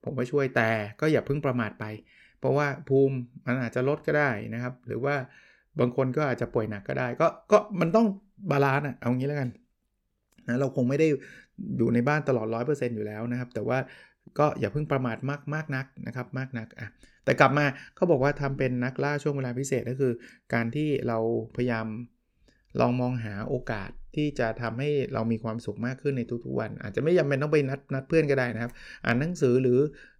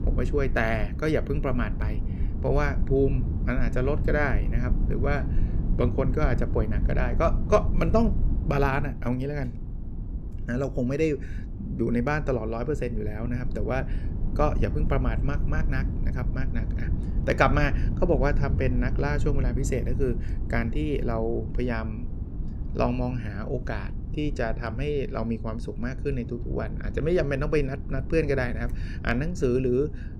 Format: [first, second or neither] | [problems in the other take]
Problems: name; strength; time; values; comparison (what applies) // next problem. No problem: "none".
first | low rumble; noticeable; throughout; 15 dB below the speech